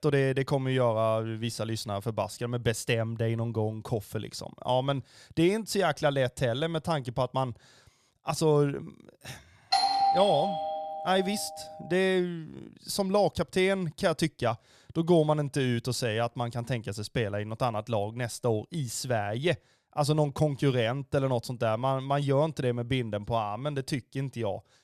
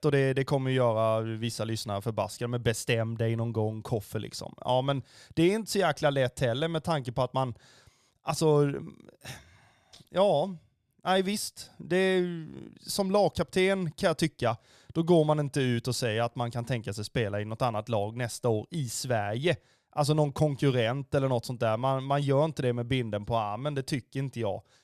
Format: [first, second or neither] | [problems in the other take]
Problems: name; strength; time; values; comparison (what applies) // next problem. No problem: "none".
second | doorbell; loud; from 9.5 to 11 s; peak 5 dB above the speech